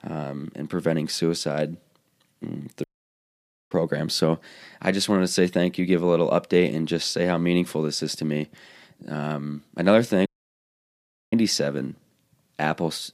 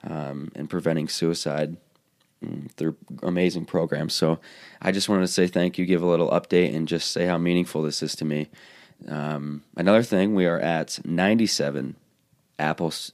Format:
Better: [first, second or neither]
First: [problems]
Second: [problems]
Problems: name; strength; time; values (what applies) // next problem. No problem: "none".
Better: second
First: audio cutting out; at 3 s for 1 s and at 10 s for 1 s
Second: none